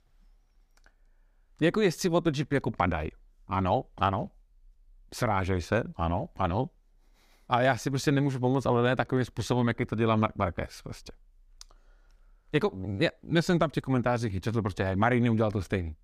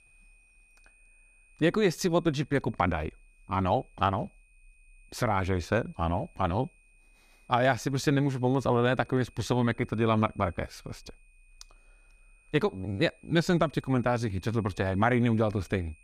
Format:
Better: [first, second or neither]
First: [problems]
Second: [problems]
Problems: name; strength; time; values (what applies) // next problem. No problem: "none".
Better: first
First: none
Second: high-pitched whine; faint; throughout; 2.5 kHz, 30 dB below the speech